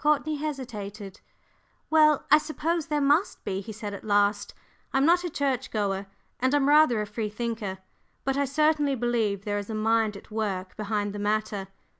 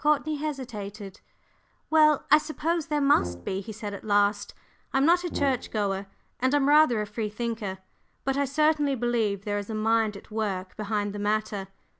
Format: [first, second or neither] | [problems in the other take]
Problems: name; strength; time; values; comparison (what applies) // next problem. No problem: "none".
first | background sound (Brass instrument); 12 dB below the speech